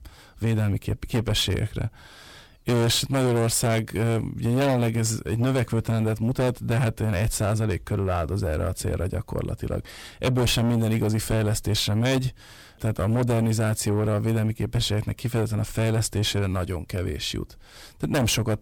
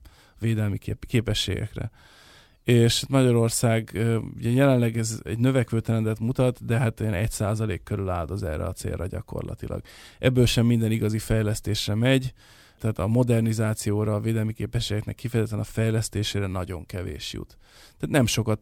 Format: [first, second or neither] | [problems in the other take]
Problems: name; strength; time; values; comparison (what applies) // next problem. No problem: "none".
second | distortion; heavy; 6 dB below the speech